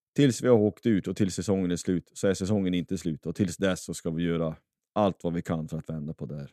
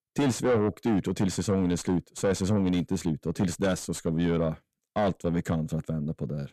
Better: first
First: none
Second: distortion; heavy; 7 dB below the speech

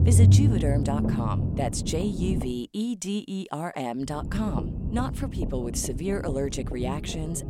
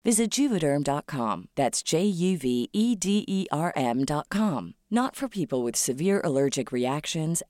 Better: second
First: low rumble; loud; until 2.5 s and from 4 s on; 5 dB below the speech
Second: none

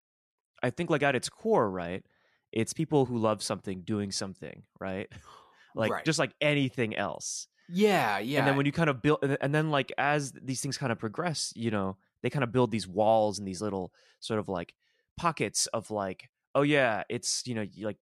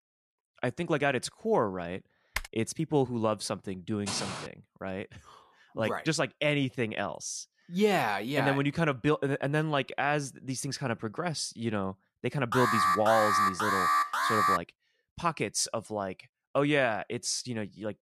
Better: first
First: none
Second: keyboard typing; noticeable; at 2.5 s; peak 7 dB below the speech // footsteps; noticeable; at 4 s; peak 4 dB below the speech // alarm; loud; from 13 to 15 s; peak 5 dB above the speech

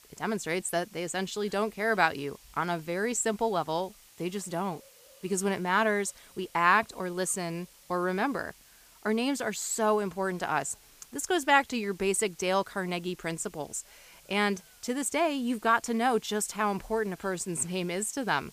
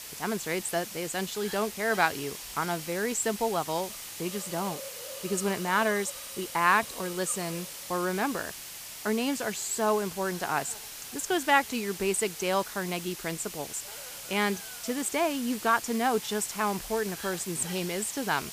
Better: first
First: hiss; faint; throughout; 25 dB below the speech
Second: hiss; loud; throughout; 9 dB below the speech

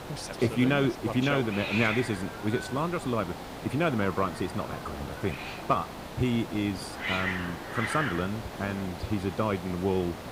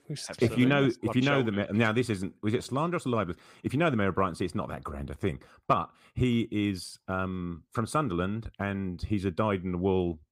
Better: second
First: hiss; loud; throughout; 6 dB below the speech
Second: none

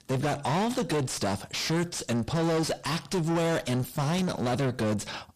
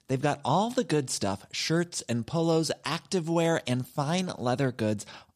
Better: second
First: distortion; heavy; 5 dB below the speech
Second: none

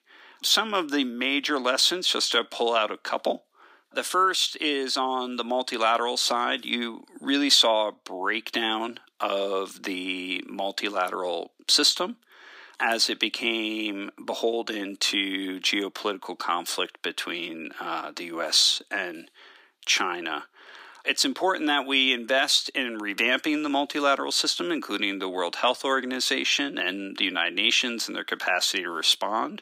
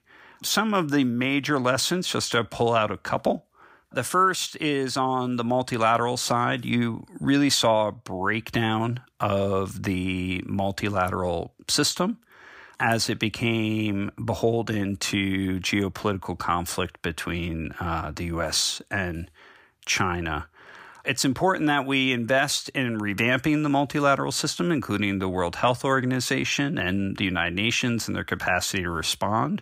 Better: second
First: thin; very slightly; fading below 250 Hz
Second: none

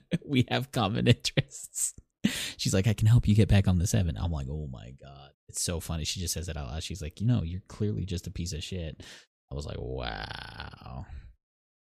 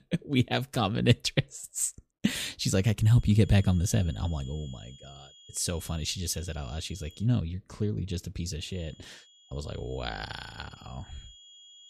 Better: first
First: none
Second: high-pitched whine; faint; from 3 to 7 s and from 8.5 s on; 3.5 kHz, 25 dB below the speech

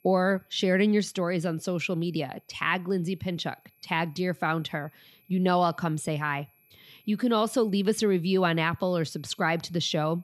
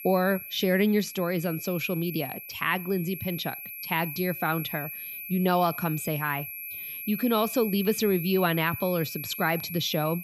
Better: first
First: high-pitched whine; faint; throughout; 11.5 kHz, 35 dB below the speech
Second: high-pitched whine; loud; throughout; 11.5 kHz, 8 dB below the speech

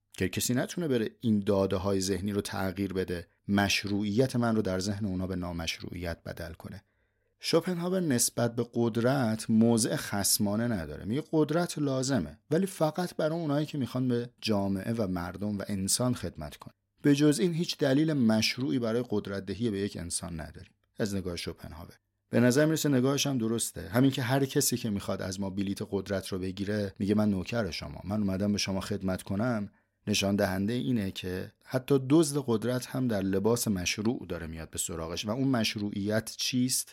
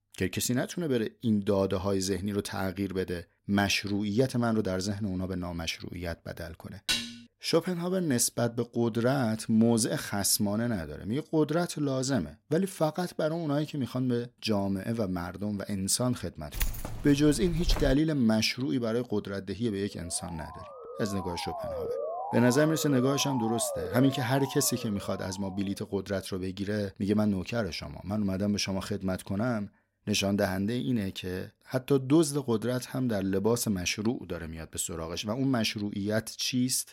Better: first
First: none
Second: clattering dishes; noticeable; at 7 s; peak level with the speech // jangling keys; noticeable; from 17 to 18 s; peak 5 dB below the speech // siren; noticeable; from 20 to 26 s; peak 4 dB below the speech

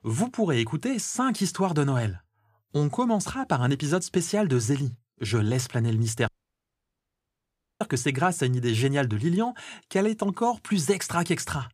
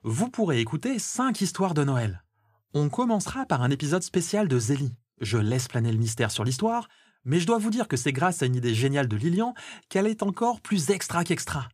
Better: second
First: audio cutting out; at 6.5 s for 1.5 s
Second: none

